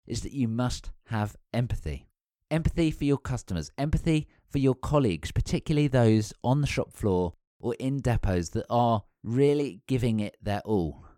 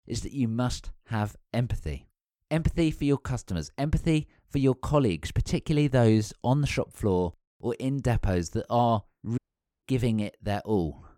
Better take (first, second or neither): first